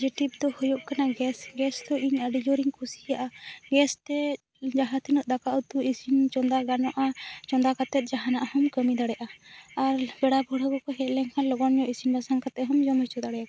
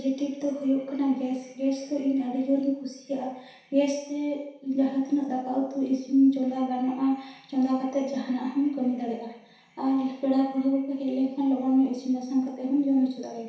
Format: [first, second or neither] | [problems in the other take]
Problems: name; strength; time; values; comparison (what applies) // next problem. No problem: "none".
first | room echo; dies away in 0.7 s